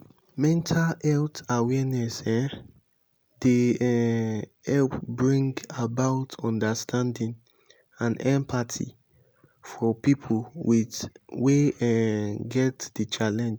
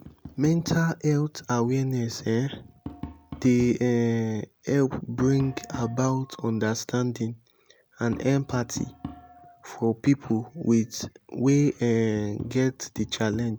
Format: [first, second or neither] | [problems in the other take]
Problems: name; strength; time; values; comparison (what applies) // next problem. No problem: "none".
first | background sound (Tap); 18 dB below the speech